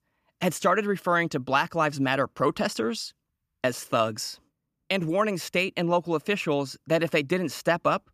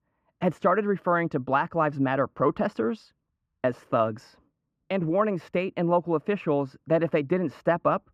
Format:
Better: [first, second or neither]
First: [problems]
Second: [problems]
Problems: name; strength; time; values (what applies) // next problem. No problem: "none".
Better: first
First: none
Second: muffled; very; fading above 3 kHz